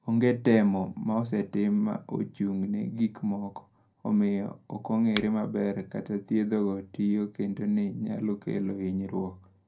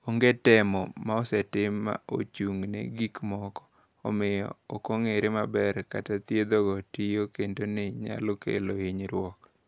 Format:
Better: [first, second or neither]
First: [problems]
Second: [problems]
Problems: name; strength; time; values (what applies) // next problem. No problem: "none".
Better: second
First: background sound (Finger snapping); 15 dB below the speech // room echo; dies away in 0.2 s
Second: none